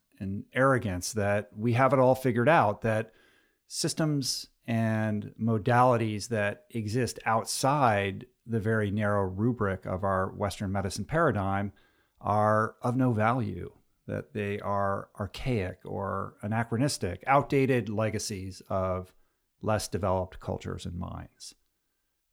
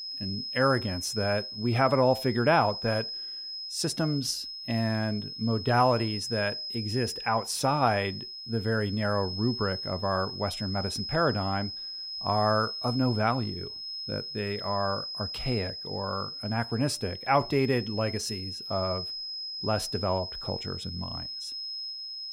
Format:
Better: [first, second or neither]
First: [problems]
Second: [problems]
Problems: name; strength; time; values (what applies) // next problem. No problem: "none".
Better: first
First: none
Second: high-pitched whine; loud; throughout; 5 kHz, 6 dB below the speech